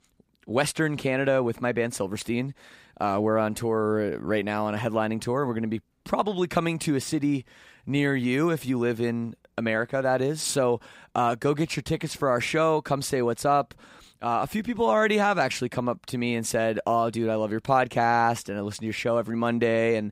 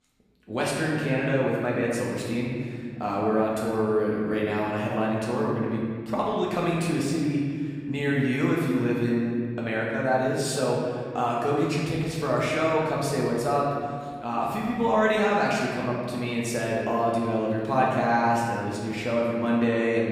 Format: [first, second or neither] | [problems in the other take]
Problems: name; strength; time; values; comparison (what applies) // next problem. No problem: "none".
first | room echo; noticeable; dies away in 2 s // off-mic speech; far